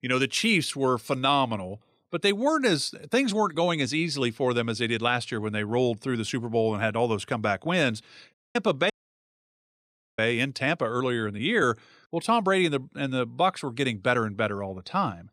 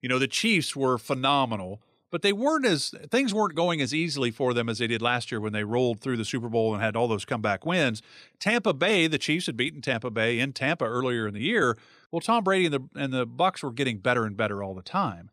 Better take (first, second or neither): second